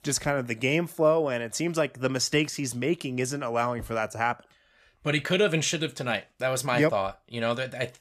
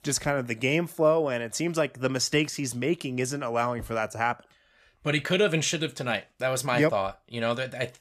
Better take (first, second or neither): neither